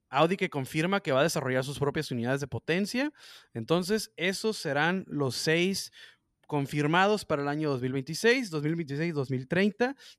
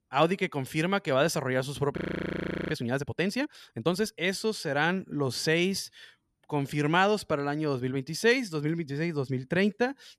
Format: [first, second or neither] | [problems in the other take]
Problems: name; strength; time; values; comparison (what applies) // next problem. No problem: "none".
first | audio freezing; at 2 s for 0.5 s